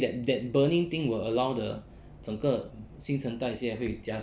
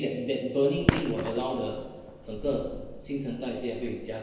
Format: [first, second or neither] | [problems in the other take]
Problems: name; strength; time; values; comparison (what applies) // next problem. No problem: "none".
first | background sound (Fireworks); 4 dB below the speech // room echo; dies away in 1 s